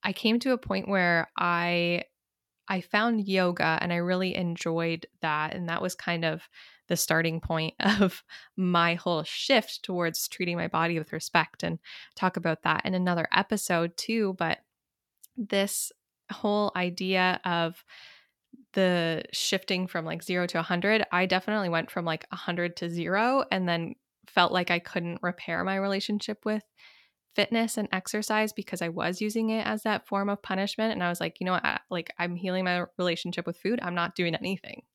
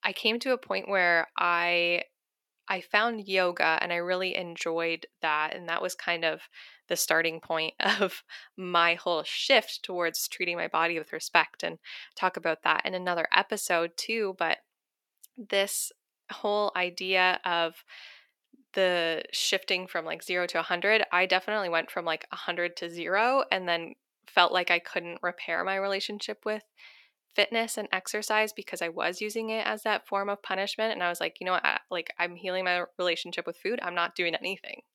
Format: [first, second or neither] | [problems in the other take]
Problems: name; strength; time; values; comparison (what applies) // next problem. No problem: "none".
first | thin; somewhat; fading below 450 Hz